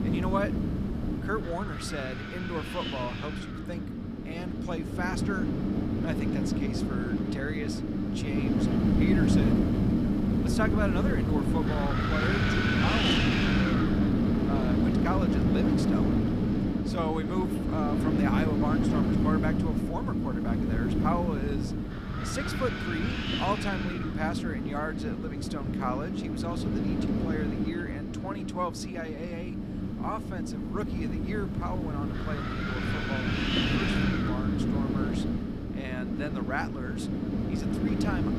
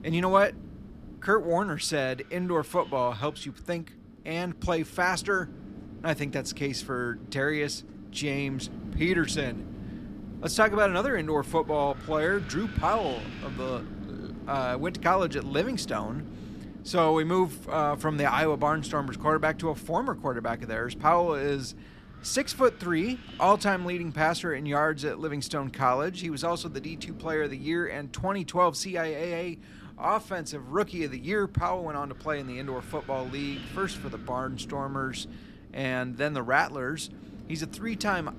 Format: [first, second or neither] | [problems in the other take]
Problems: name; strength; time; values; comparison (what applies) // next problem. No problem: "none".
second | wind noise on the microphone; heavy; 2 dB above the speech; occasional gusts in the second